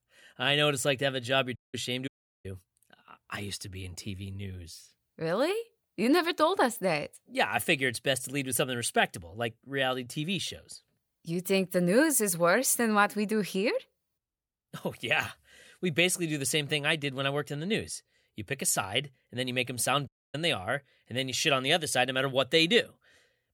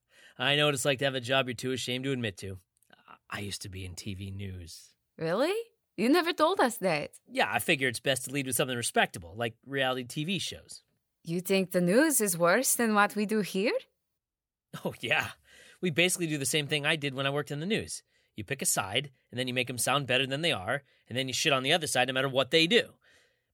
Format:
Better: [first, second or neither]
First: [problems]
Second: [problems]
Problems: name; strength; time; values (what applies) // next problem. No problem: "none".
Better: second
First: audio cutting out; at 1.5 s, at 2 s and at 20 s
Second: none